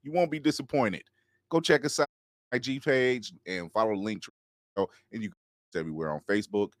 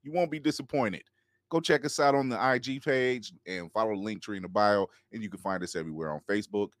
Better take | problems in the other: second | audio cutting out; at 2 s, at 4.5 s and at 5.5 s

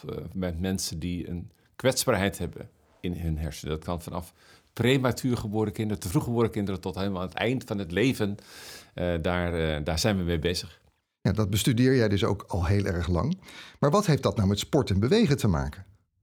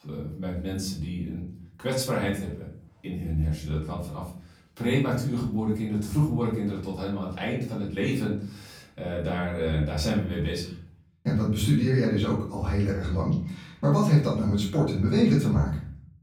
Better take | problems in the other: first | off-mic speech; far // room echo; slight; dies away in 0.5 s

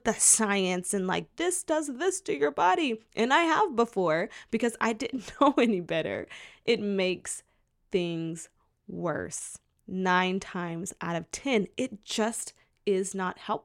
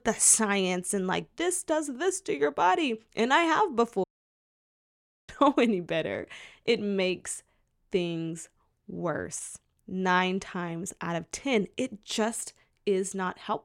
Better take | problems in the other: first | audio cutting out; at 4 s for 1 s

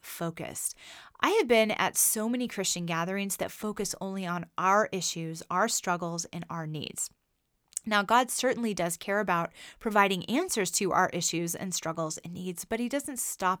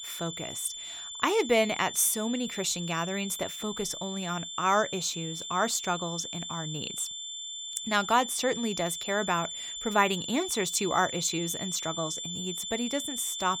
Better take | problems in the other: first | high-pitched whine; loud; throughout; 3.5 kHz, 6 dB below the speech

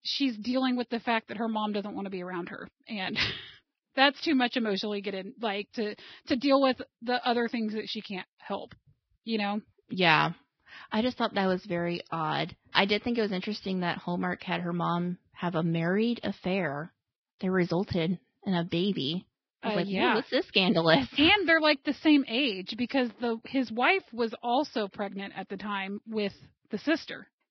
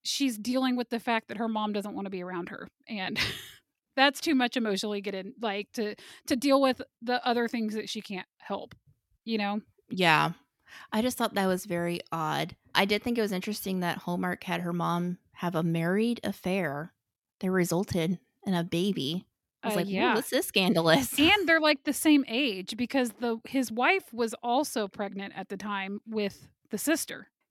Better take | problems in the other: second | garbled, watery; badly; nothing above 5 kHz

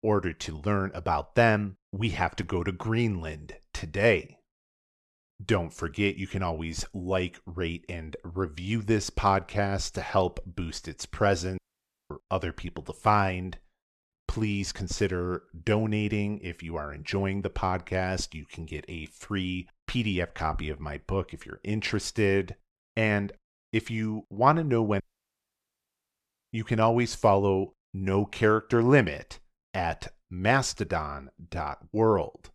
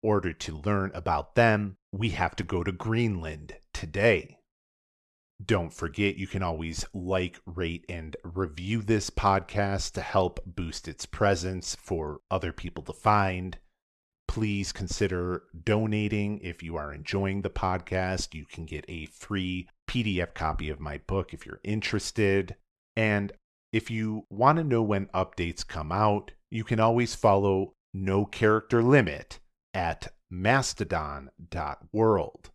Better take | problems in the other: second | audio cutting out; at 12 s for 0.5 s and at 25 s for 1.5 s

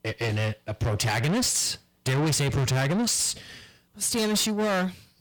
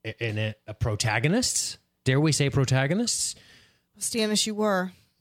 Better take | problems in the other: second | distortion; heavy; 7 dB below the speech

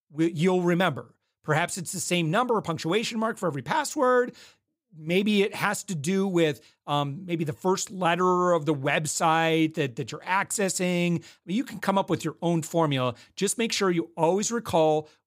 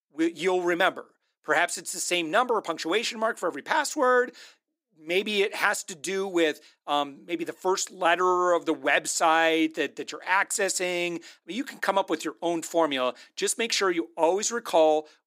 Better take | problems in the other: first | thin; somewhat; fading below 300 Hz

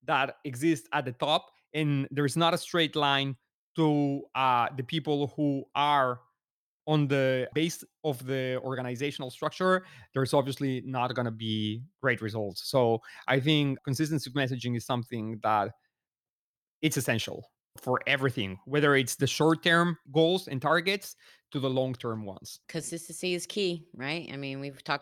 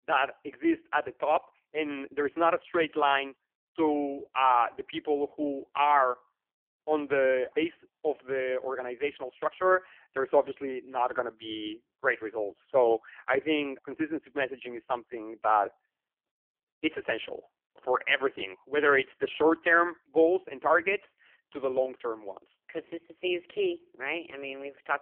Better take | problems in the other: first | phone-call audio; poor line; nothing above 3 kHz

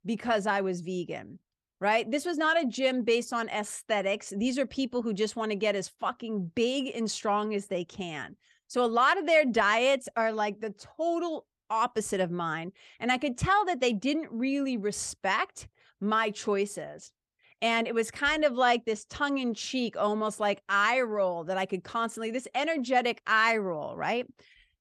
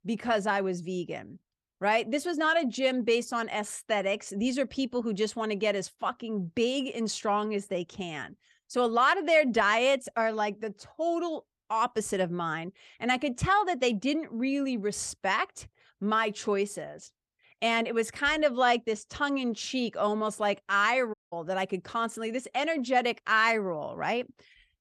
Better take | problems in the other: first | audio cutting out; at 21 s

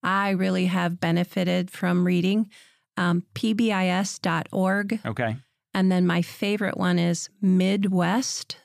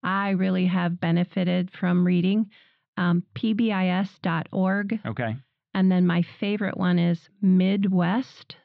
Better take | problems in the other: first | muffled; slightly; fading above 4 kHz

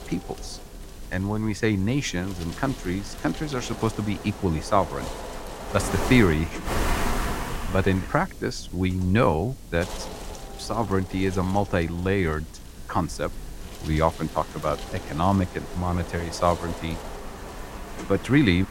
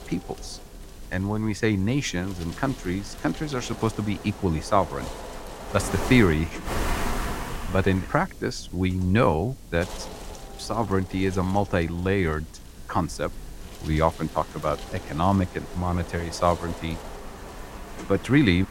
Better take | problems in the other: second | wind noise on the microphone; heavy; 8 dB below the speech; occasional gusts in the second

